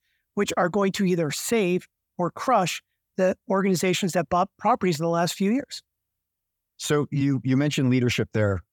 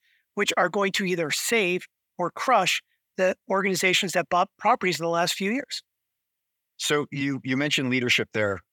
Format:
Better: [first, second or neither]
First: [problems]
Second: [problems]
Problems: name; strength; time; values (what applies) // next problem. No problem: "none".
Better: first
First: none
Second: thin; very slightly; fading below 800 Hz